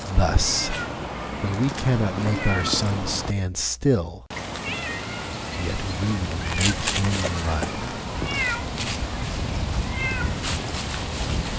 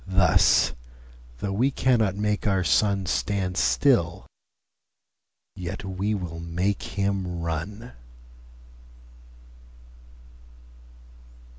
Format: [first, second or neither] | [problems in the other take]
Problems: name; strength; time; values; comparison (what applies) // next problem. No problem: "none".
second | background sound (Meow); 2 dB below the speech